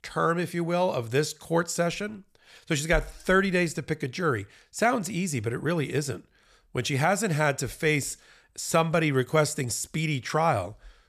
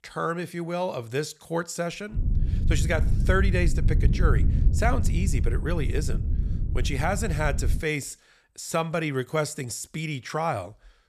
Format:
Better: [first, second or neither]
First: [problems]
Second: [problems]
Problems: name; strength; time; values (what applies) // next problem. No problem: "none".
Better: first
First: none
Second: wind noise on the microphone; occasional gusts; from 2 to 8 s; 10 dB below the speech